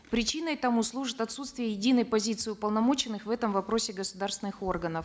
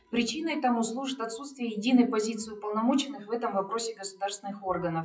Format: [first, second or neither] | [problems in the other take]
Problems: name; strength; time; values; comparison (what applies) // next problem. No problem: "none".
first | noise reduction (classical method WPE with log-MMSE)